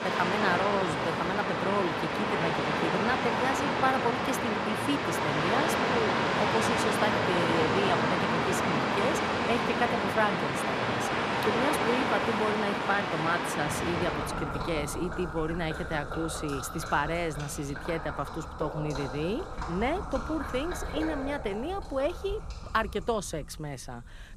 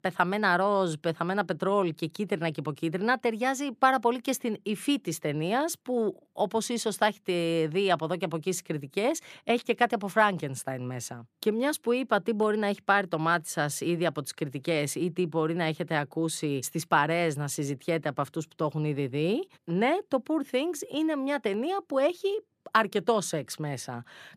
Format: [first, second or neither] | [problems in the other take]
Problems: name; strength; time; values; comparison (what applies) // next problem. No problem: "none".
second | rain or running water; very loud; throughout; 3 dB above the speech